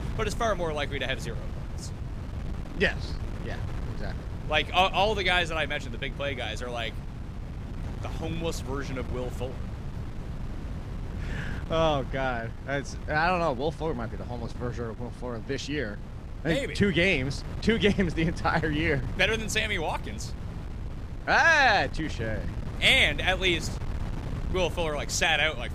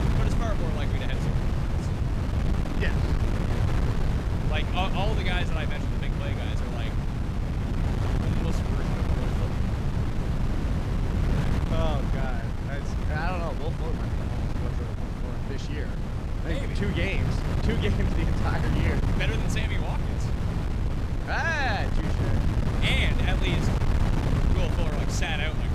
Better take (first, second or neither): first